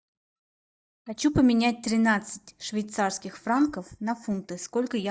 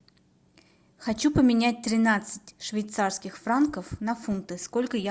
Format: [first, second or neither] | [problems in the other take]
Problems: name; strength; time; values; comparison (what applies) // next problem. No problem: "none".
second | noise reduction (neural mask model DeepFilterNet 3)